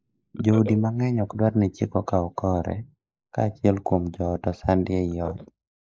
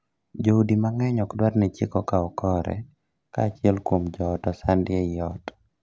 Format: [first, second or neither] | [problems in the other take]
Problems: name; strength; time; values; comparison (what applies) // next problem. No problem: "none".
second | noise reduction (neural mask model Resemble Enhance denoiser)